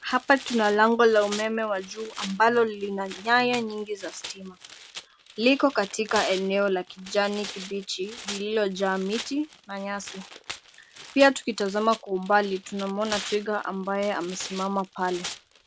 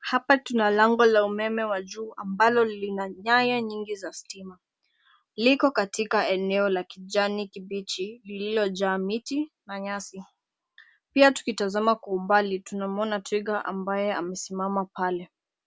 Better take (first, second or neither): second